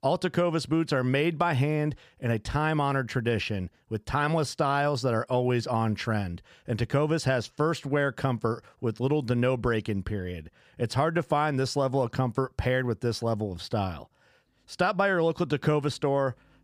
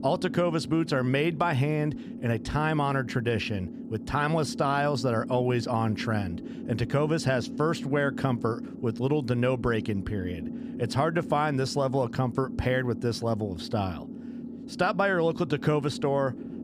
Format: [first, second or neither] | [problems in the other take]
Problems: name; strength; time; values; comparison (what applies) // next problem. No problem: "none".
first | low rumble; noticeable; throughout; 15 dB below the speech